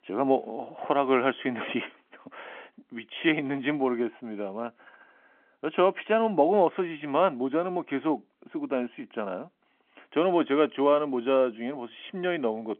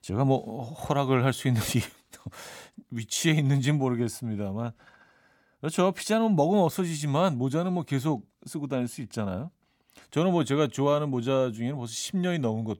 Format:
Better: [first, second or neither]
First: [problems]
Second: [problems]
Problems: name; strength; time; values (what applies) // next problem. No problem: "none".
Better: second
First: phone-call audio; nothing above 3.5 kHz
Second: none